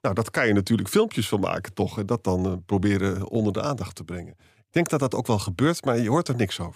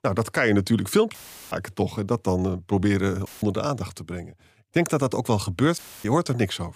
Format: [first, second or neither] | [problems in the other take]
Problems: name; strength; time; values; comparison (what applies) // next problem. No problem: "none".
first | audio cutting out; filled with static; at 1 s, at 3.5 s and at 6 s